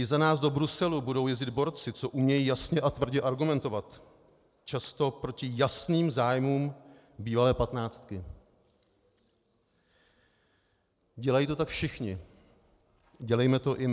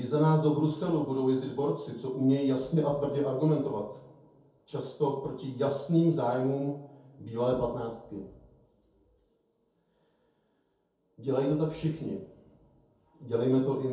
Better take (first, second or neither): first